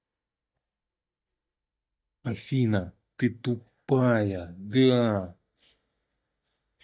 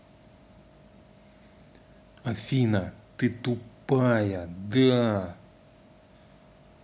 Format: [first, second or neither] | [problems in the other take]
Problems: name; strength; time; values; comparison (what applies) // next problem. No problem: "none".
second | noise reduction (neural mask model DeepFilterNet 3)